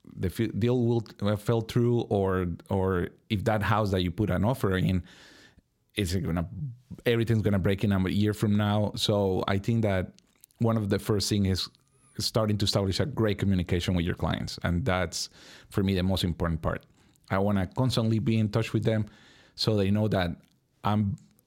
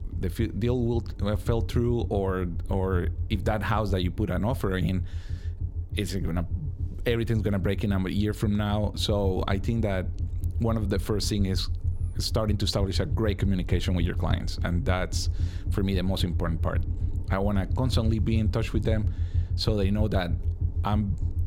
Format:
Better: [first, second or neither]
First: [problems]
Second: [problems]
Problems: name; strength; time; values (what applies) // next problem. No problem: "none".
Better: first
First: none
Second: low rumble; noticeable; throughout; 15 dB below the speech